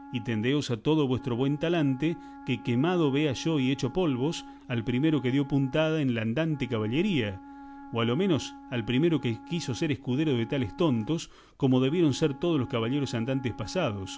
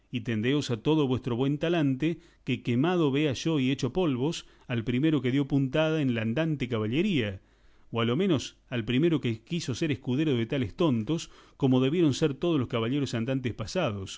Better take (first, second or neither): second